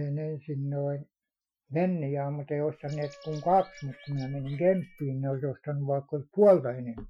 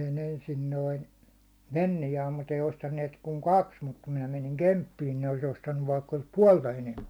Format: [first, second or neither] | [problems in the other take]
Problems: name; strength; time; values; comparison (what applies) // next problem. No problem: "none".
second | noise reduction (classical method Wiener filter)